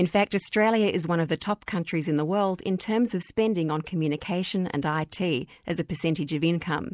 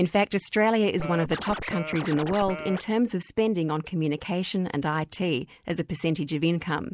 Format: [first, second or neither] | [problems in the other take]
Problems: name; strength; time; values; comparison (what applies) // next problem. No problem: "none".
first | background sound (Scratching (performance technique)); 8 dB below the speech